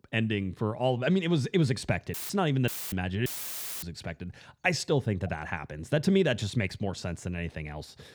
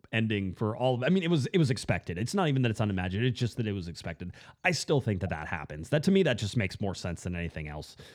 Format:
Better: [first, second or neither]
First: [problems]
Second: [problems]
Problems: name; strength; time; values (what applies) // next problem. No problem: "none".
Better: second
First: audio cutting out; filled with static; at 2 s, at 2.5 s and at 3.5 s for 0.5 s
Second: none